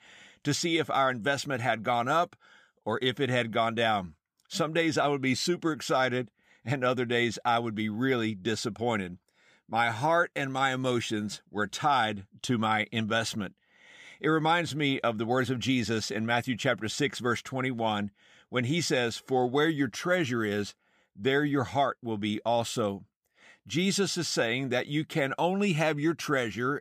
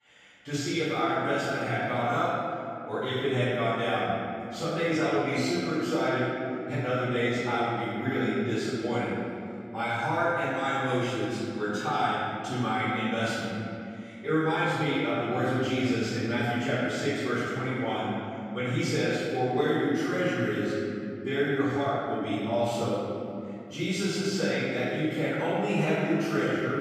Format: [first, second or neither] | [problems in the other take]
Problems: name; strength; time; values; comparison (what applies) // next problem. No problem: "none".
first | room echo; strong; dies away in 2.6 s // off-mic speech; far